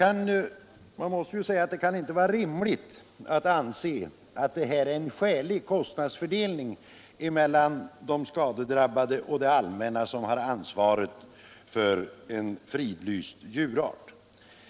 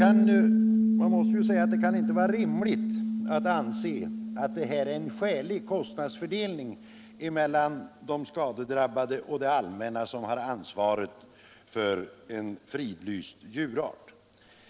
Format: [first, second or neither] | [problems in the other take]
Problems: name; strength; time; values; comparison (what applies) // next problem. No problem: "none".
first | background sound (Piano); 1 dB above the speech